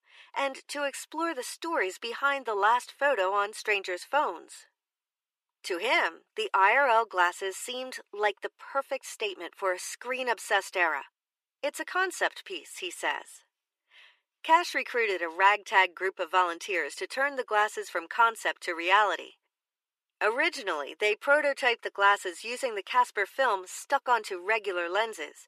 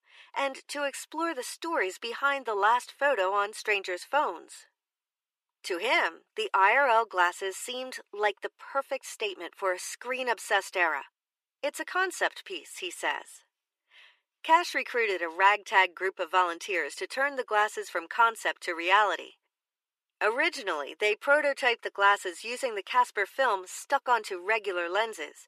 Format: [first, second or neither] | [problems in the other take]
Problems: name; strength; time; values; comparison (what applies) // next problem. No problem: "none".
neither | thin; very; fading below 400 Hz; the same in both